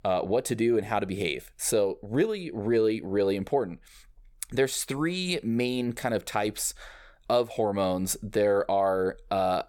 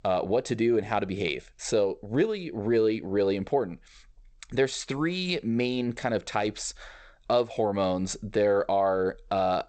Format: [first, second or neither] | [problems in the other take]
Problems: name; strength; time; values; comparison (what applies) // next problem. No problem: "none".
first | garbled, watery; slightly; nothing above 8 kHz